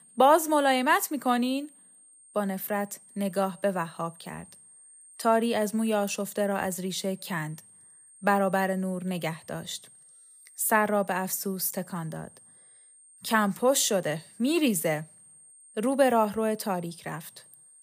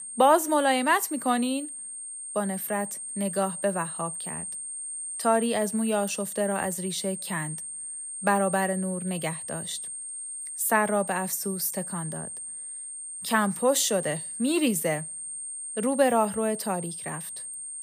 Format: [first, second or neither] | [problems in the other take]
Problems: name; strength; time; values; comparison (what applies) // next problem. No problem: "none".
first | high-pitched whine; loud; throughout; 8.5 kHz, 7 dB below the speech; faint in the first